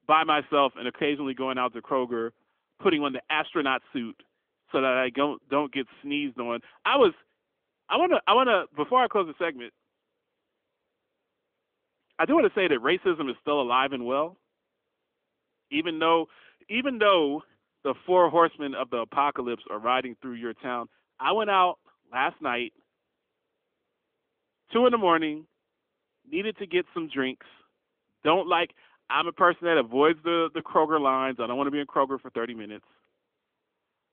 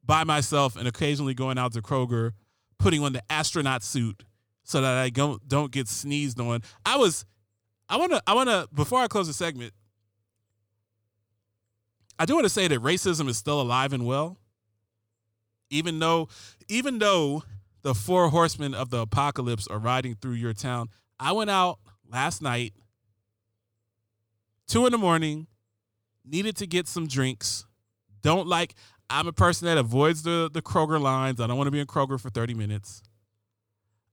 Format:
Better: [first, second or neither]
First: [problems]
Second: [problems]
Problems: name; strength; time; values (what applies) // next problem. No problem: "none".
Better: second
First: phone-call audio; nothing above 3.5 kHz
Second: none